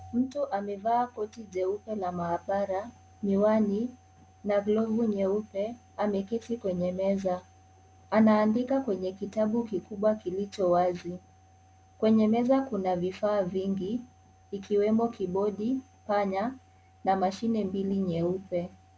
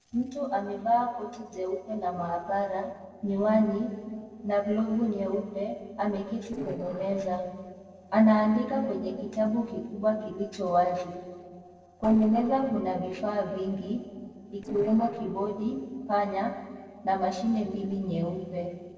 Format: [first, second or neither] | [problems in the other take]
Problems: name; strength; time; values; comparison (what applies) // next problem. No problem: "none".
first | noise reduction (neural separator model SepFormer DNS4)